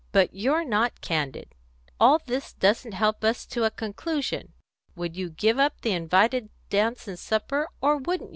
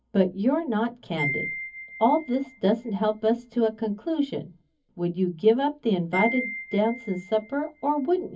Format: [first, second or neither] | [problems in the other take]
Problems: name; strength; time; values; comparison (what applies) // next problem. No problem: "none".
first | background sound (Wind chime); 13 dB below the speech // room echo; dies away in 0.3 s